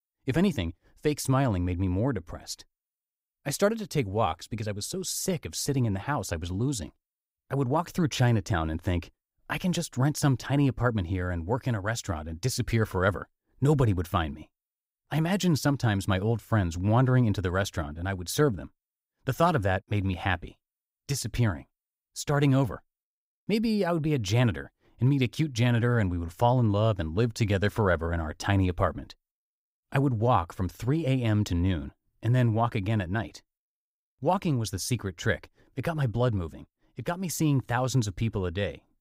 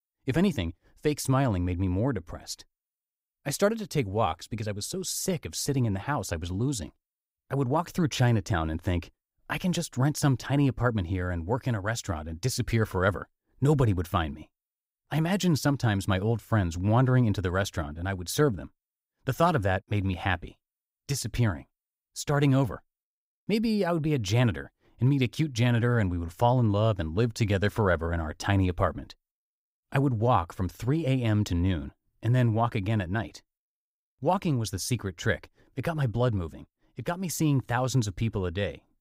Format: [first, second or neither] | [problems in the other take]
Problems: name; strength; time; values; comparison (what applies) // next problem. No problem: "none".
neither | none